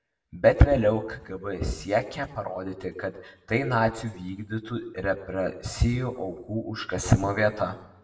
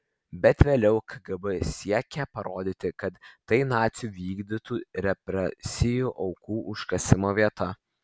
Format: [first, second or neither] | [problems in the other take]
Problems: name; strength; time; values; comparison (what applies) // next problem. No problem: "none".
second | room echo; dies away in 0.7 s